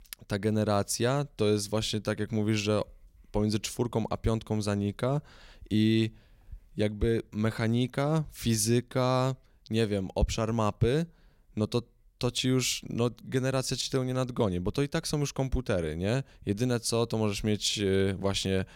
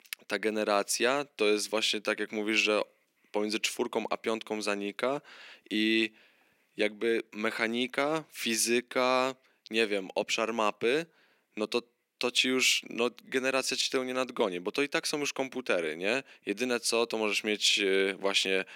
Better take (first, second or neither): first